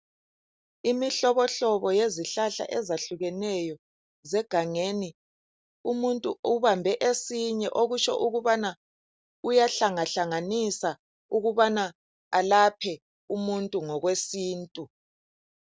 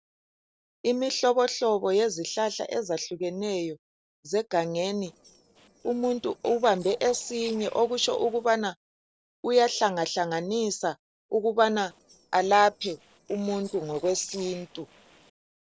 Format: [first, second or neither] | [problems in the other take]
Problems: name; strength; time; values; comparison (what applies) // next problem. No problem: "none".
first | noise reduction (neural separator model SepFormer DNS4)